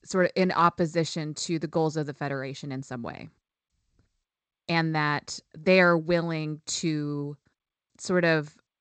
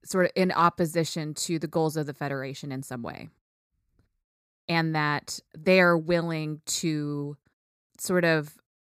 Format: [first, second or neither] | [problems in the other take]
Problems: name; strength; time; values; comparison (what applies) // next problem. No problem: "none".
second | garbled, watery; slightly; nothing above 8 kHz